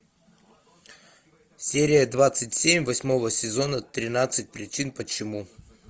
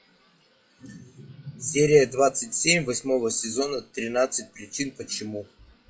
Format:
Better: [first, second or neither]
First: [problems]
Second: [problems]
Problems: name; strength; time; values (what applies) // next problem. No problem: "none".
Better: first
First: none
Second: noise reduction (classical method WPE with log-MMSE)